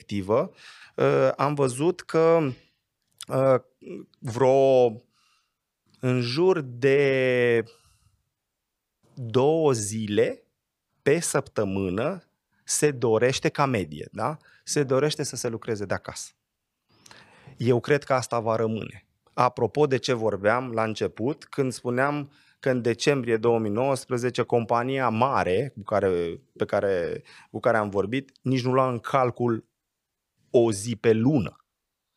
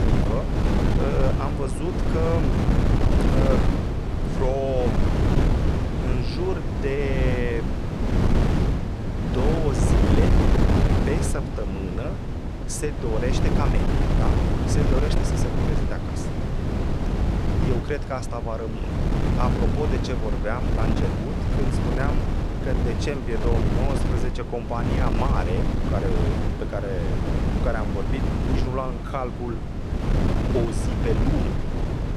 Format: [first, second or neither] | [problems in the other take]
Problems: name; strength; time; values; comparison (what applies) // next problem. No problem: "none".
first | wind noise on the microphone; heavy; as loud as the speech